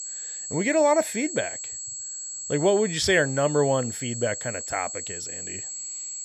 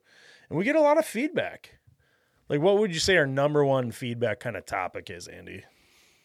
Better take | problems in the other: second | high-pitched whine; loud; throughout; 7.5 kHz, 7 dB below the speech

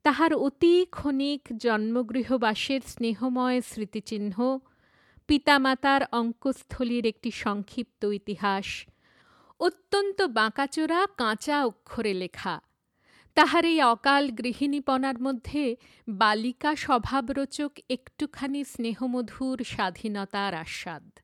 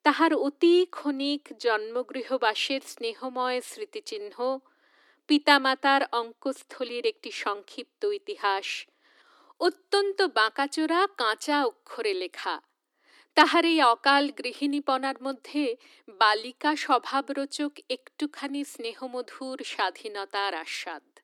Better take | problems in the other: first | thin; very slightly; fading below 300 Hz

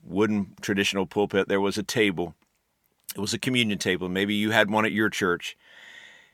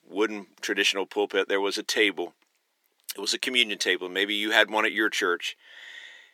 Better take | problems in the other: first | thin; somewhat; fading below 300 Hz

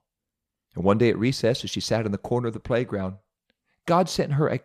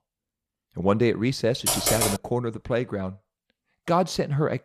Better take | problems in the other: first | keyboard typing; loud; at 1.5 s; peak 3 dB above the speech

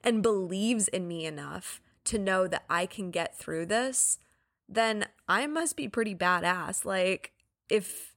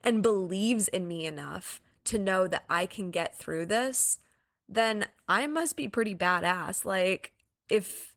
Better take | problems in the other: first | garbled, watery; slightly; nothing above 17 kHz

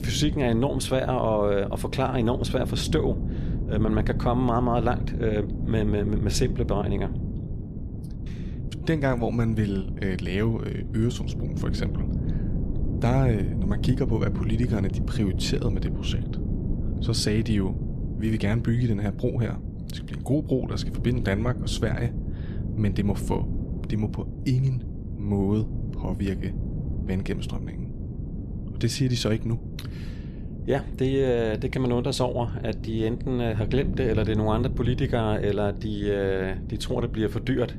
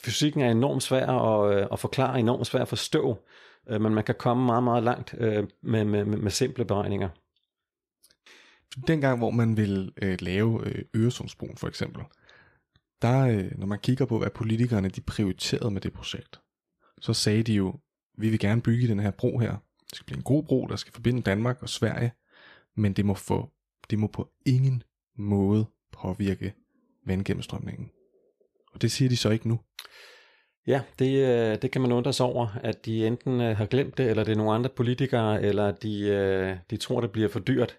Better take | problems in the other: second | wind noise on the microphone; occasional gusts; 10 dB below the speech

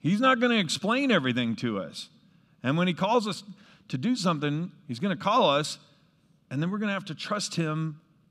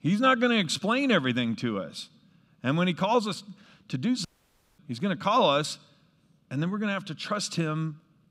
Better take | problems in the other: first | audio cutting out; at 4.5 s for 0.5 s

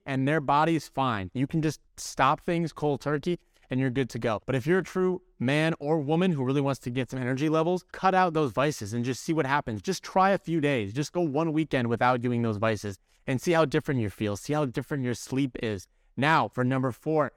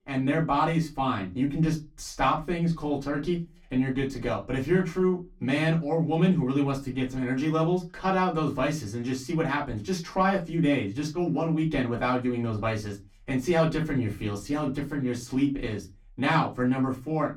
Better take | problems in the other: first | off-mic speech; far // room echo; very slight; dies away in 0.2 s

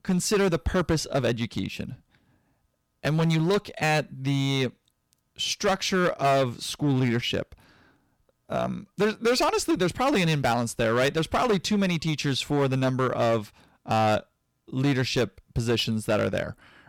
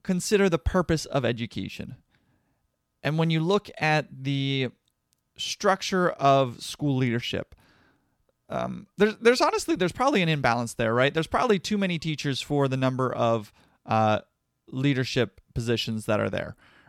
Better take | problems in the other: second | distortion; heavy; 9% of the sound clipped

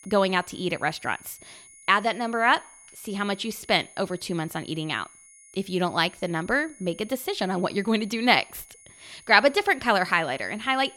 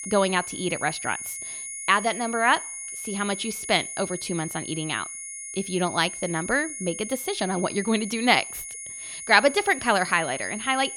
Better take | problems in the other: first | high-pitched whine; loud; throughout; 10 kHz, 9 dB below the speech; faint in the first

